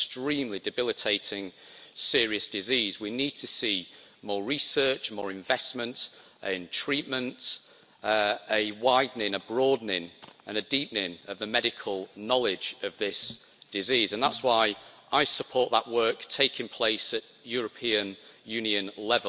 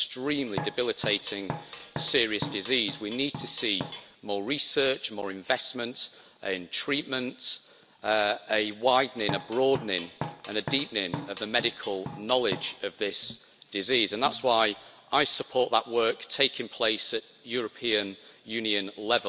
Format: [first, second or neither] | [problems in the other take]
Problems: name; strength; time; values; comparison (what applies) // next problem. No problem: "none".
first | background sound (Drum kit); 9 dB below the speech